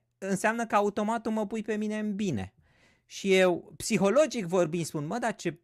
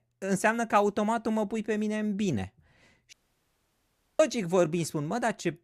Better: first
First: none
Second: audio cutting out; at 3 s for 1 s

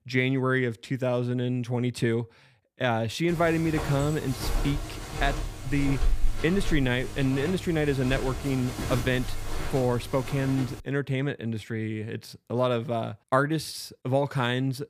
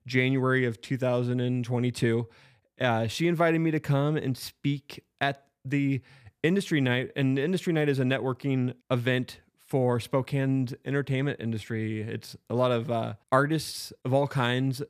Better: second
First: footsteps; noticeable; from 4 to 11 s; peak 3 dB below the speech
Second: none

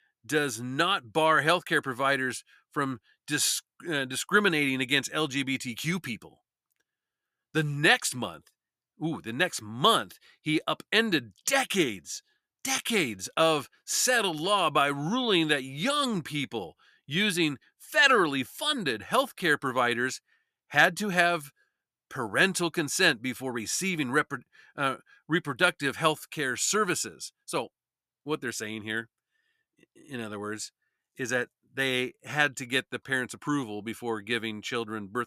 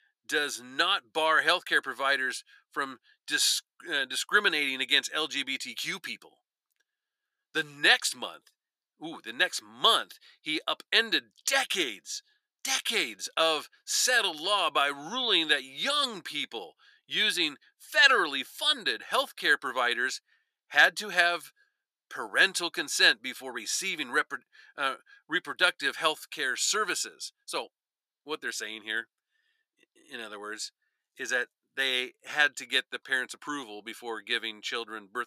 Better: first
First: none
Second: thin; somewhat; fading below 400 Hz

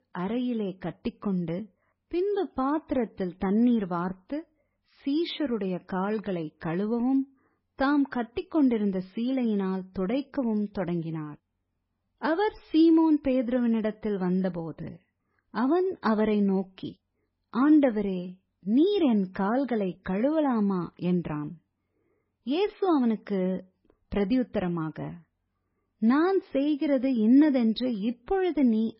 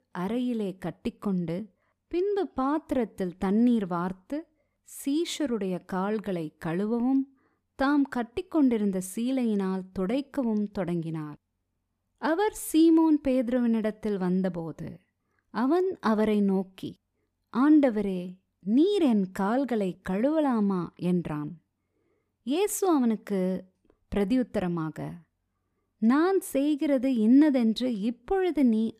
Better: second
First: garbled, watery; badly; nothing above 5.5 kHz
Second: none

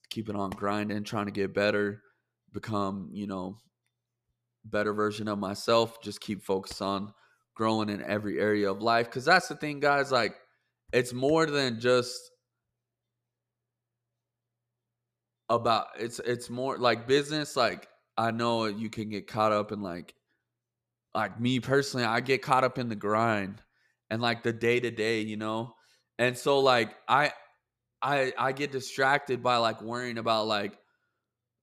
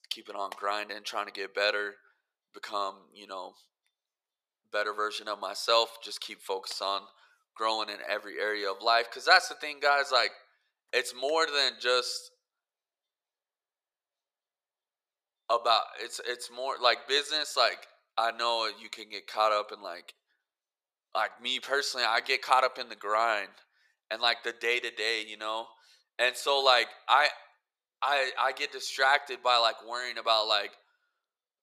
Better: first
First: none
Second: thin; very; fading below 550 Hz

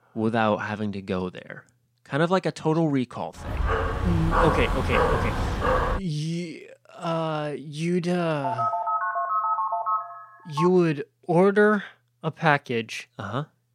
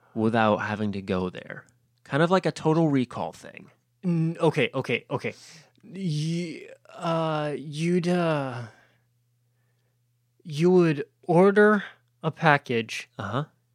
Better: second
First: dog barking; loud; from 3.5 to 6 s; peak 3 dB above the speech // phone ringing; loud; from 8.5 to 11 s; peak 1 dB above the speech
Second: none

